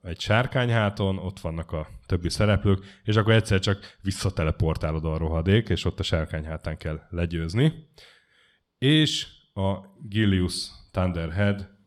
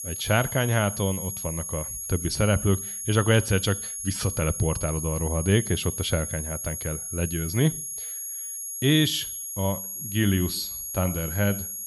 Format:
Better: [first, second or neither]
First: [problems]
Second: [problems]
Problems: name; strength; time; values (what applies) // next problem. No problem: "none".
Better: first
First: none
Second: high-pitched whine; loud; throughout; 11 kHz, 5 dB below the speech